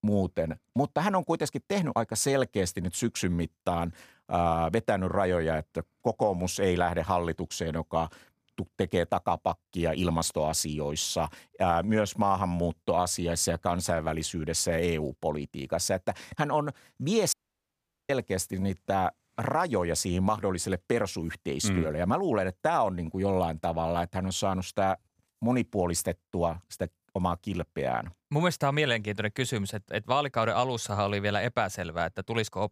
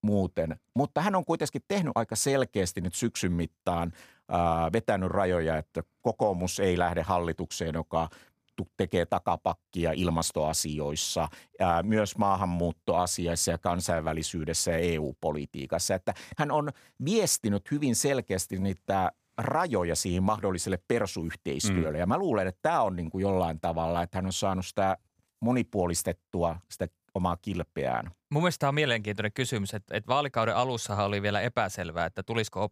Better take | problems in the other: second | audio cutting out; at 17 s for 1 s

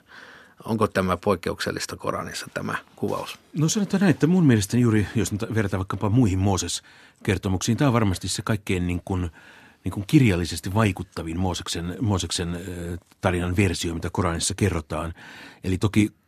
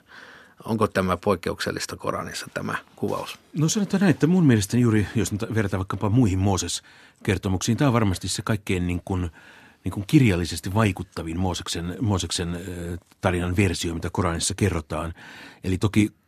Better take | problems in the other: neither | none

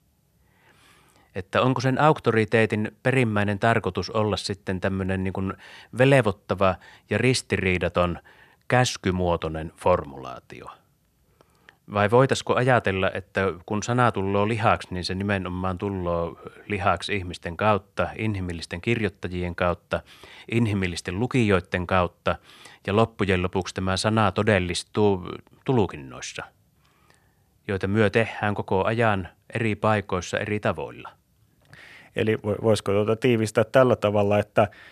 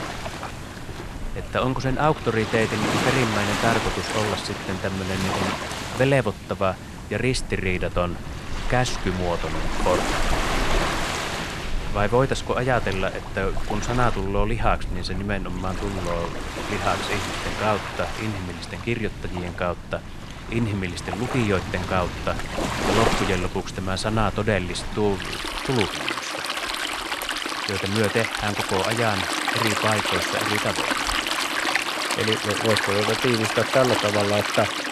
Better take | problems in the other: first | rain or running water; loud; throughout; 1 dB below the speech

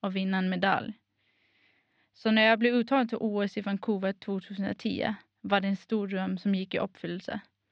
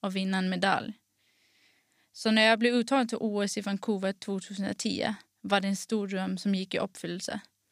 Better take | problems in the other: second | muffled; slightly; fading above 3.5 kHz

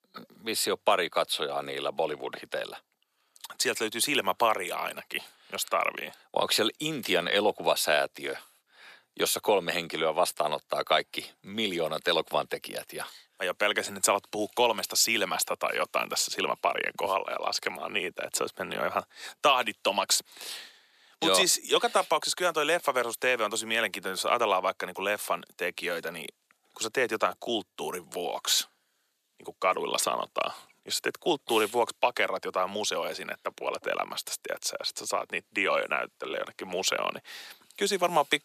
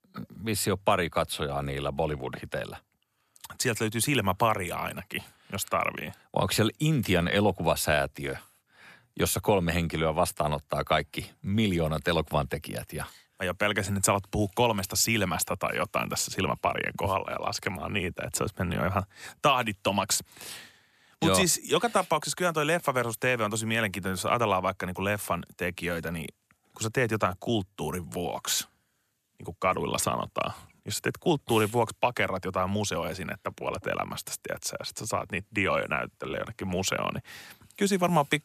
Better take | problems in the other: second | thin; somewhat; fading below 400 Hz

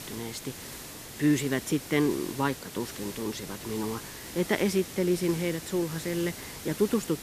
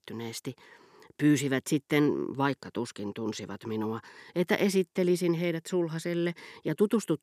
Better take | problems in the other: second | hiss; loud; throughout; 10 dB below the speech

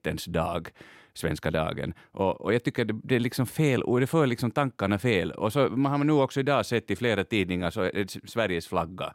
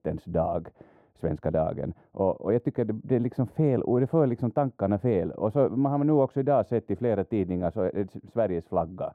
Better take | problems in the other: first | muffled; very; fading above 1.5 kHz

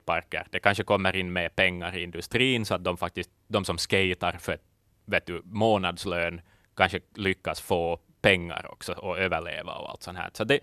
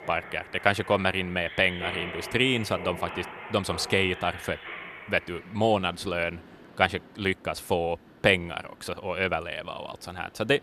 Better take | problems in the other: first | machinery noise; noticeable; throughout; 10 dB below the speech

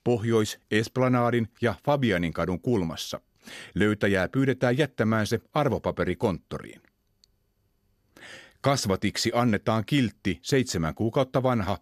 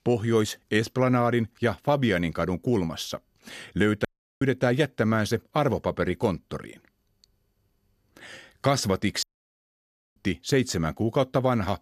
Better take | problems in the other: first | audio cutting out; at 4 s and at 9 s for 1 s

